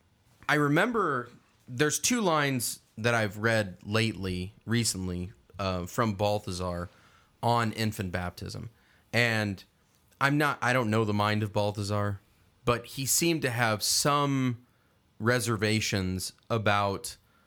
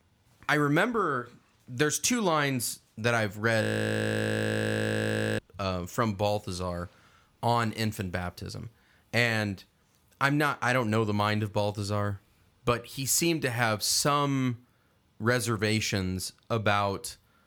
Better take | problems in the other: first | audio freezing; at 3.5 s for 2 s

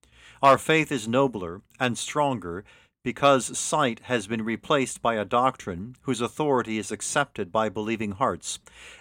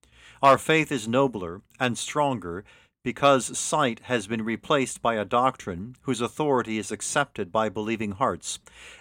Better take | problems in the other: neither | none

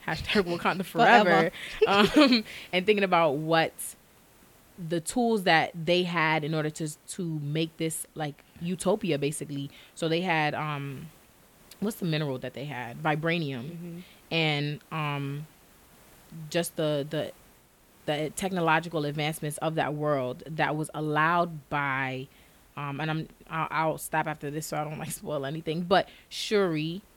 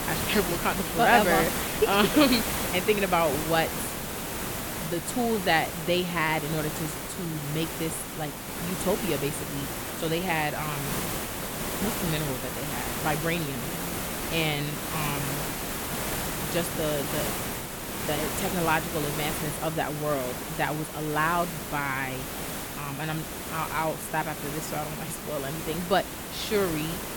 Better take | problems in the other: first | hiss; loud; throughout; 3 dB below the speech; faint in the first

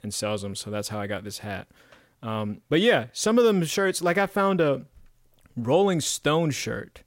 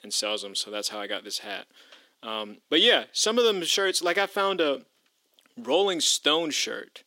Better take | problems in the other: first | thin; somewhat; fading below 300 Hz

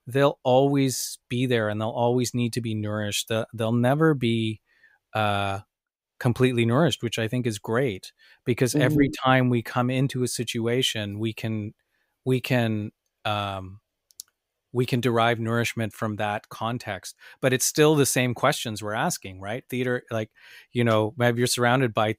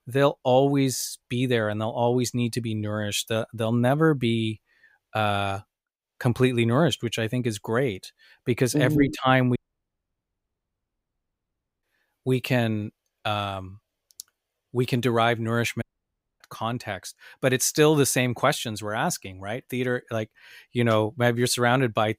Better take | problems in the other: first | audio cutting out; at 9.5 s for 2.5 s and at 16 s for 0.5 s

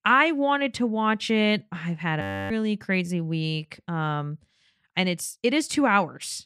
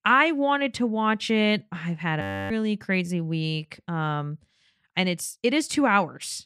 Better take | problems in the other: neither | audio freezing; at 2 s; the same in both

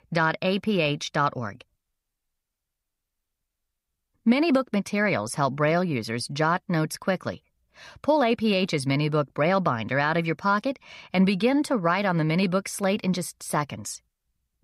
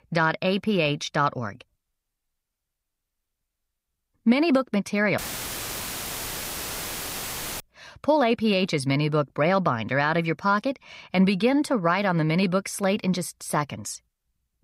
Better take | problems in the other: first | audio cutting out; filled with static; at 5 s for 2.5 s

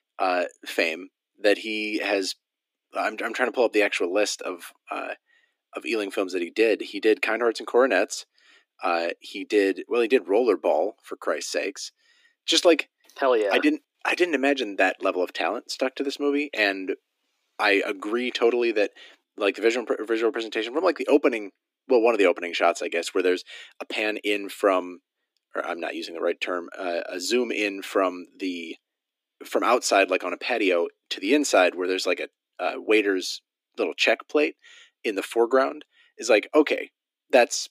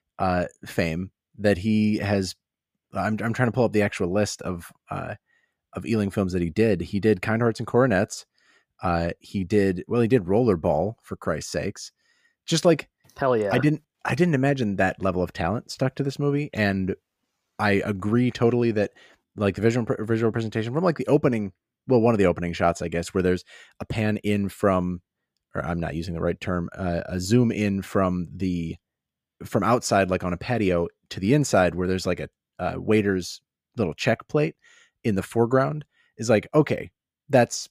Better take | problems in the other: second | thin; somewhat; fading below 300 Hz

